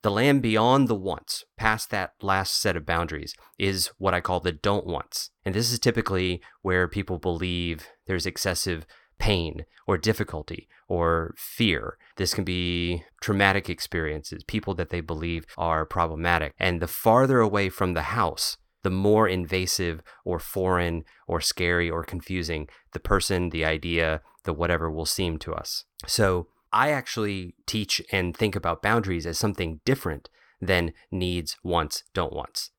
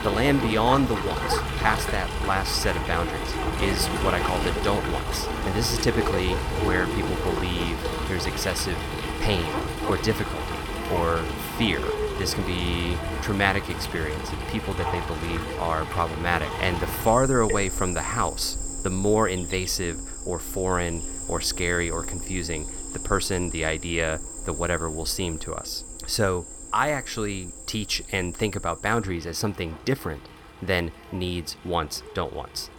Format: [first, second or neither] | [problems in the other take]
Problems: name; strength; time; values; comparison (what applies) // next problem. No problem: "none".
first | animal sounds; loud; throughout; 3 dB below the speech